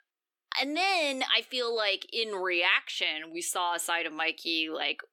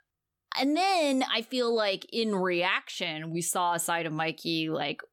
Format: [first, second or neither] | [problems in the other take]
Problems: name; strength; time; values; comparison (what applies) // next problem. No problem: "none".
second | thin; somewhat; fading below 350 Hz